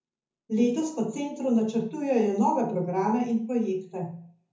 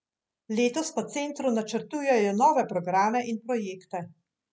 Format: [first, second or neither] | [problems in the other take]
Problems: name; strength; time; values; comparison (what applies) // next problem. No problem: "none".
second | room echo; dies away in 0.6 s